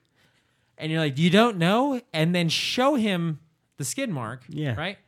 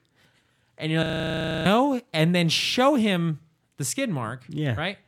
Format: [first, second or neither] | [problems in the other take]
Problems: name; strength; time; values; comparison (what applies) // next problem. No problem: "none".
first | audio freezing; at 1 s for 0.5 s